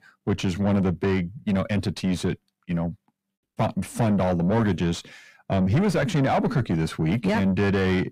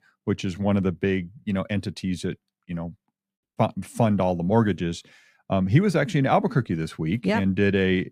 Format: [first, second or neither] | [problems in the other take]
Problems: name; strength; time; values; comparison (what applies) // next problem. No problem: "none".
second | distortion; heavy; 7 dB below the speech